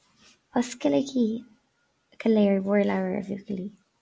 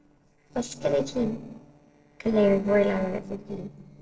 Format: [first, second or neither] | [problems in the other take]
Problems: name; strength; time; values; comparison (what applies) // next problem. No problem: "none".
first | noise reduction (neural separator model SepFormer DNS4)